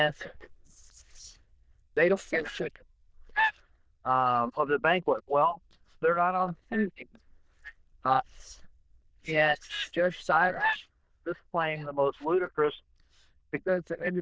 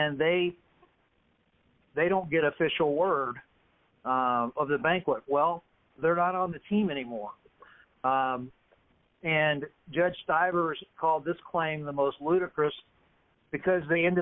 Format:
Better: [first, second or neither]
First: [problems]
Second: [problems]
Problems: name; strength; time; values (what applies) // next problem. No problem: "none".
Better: second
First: noise reduction (neural diffusion model UNIVERSE++)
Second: none